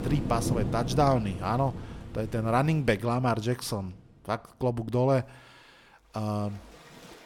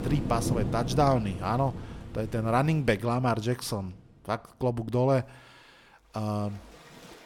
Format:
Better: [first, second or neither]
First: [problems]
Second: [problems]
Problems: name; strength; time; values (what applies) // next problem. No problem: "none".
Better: neither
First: rain or running water; loud; throughout; 7 dB below the speech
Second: rain or running water; loud; throughout; 7 dB below the speech